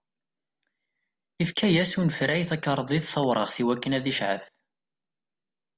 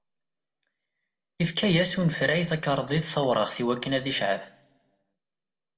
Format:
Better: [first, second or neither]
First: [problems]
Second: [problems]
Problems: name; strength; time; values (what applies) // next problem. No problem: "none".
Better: first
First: none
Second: room echo; dies away in 0.5 s